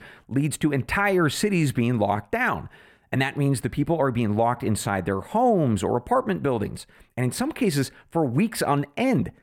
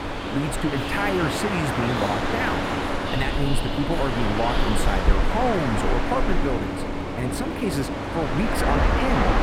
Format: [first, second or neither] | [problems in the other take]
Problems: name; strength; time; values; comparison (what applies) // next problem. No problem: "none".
first | train or aircraft noise; very loud; throughout; 2 dB above the speech